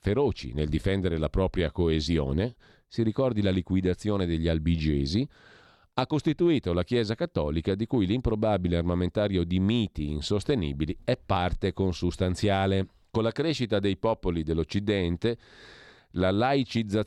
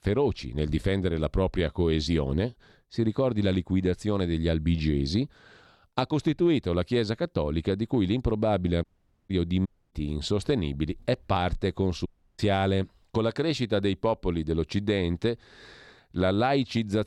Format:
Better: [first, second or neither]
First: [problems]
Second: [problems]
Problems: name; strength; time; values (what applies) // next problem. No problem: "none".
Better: first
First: none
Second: audio cutting out; at 9 s, at 9.5 s and at 12 s